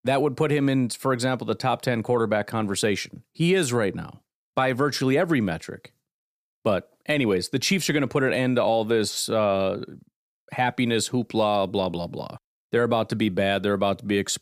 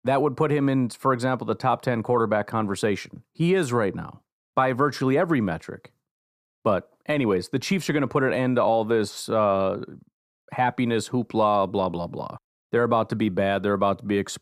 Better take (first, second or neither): first